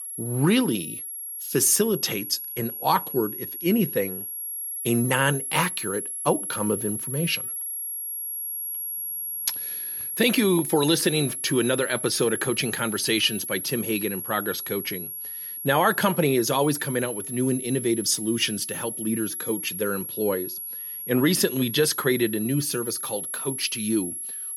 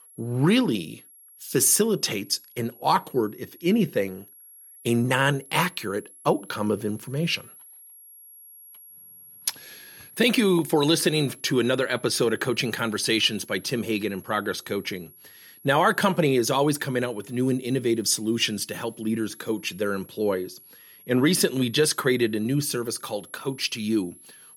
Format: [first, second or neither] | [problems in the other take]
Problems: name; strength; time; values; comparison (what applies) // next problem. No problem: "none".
second | high-pitched whine; loud; throughout; 11 kHz, 6 dB below the speech; faint in the second